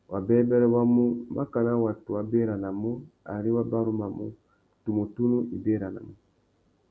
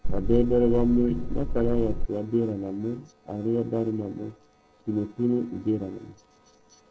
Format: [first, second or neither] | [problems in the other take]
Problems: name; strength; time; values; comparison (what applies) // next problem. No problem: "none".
first | noise reduction (neural separator model SepFormer DNS4)